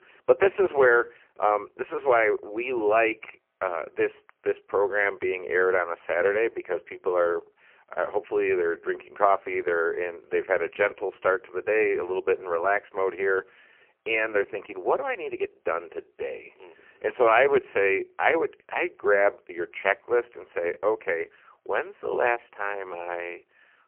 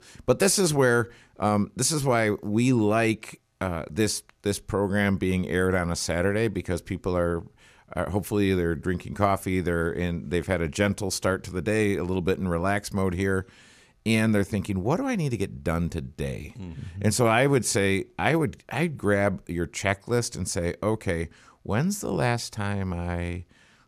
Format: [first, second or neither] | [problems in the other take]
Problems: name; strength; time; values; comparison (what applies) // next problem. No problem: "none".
second | phone-call audio; poor line; nothing above 3 kHz